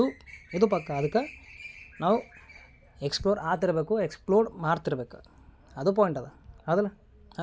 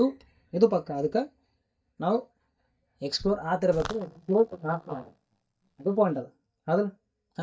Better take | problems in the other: first | noise reduction (neural mask model DeepFilterNet 3)

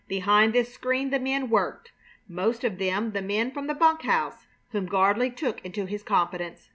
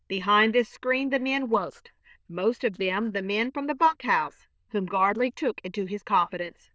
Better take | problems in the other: first | noise reduction (neural diffusion model UNIVERSE++)

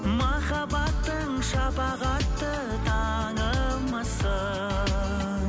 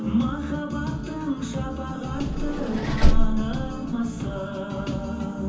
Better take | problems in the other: first | background sound (Vehicle); 5 dB above the speech // room echo; dies away in 0.9 s

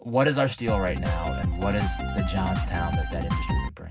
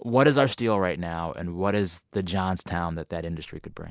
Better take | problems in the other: second | background sound (Drum kit); as loud as the speech // room echo; dies away in 0.4 s

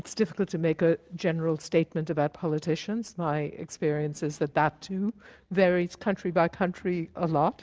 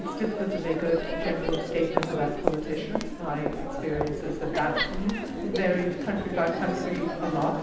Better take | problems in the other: first | background sound (Crowd); 2 dB below the speech // room echo; dies away in 0.9 s

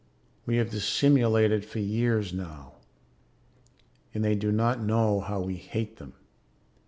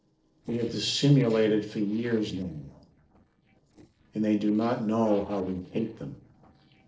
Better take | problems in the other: first | noise reduction (neural separator model SepFormer DNS4)

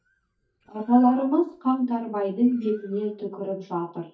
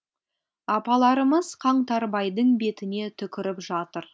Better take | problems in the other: second | noise reduction (neural mask model DeepFilterNet 3)

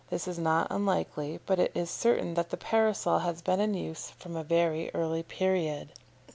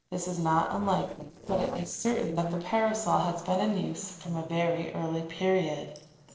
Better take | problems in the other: first | noise reduction (neural separator model SepFormer DNS4)

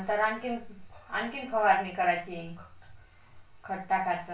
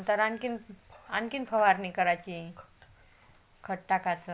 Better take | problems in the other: second | room echo; dies away in 0.3 s

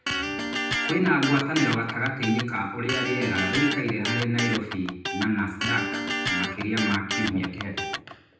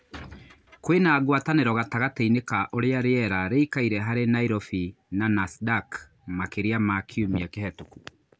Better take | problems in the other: second | background sound (Electric guitar); 3 dB below the speech // room echo; dies away in 0.8 s

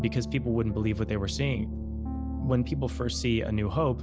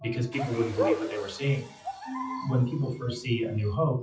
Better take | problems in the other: first | noise reduction (classical method WPE with log-MMSE)

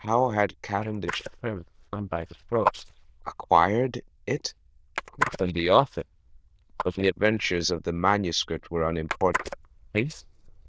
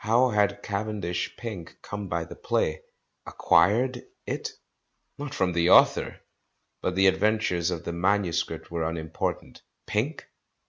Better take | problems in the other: second | noise reduction (neural diffusion model UNIVERSE++)

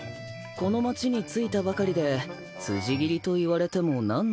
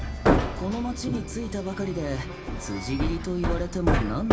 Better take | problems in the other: first | background sound (Hammer); 3 dB above the speech // room echo; dies away in 0.4 s

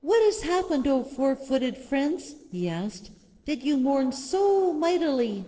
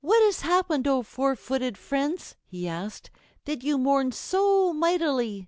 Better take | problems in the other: second | noise reduction (neural separator model SepFormer DNS4)

